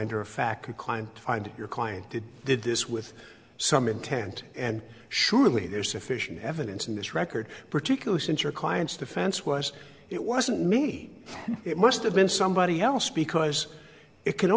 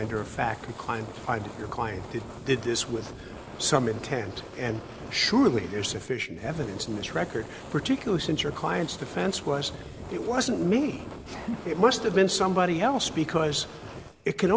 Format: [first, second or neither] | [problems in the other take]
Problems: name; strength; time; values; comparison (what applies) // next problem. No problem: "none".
first | background sound (Fire); 13 dB below the speech